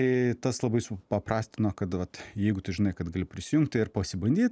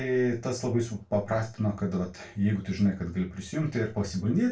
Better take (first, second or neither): first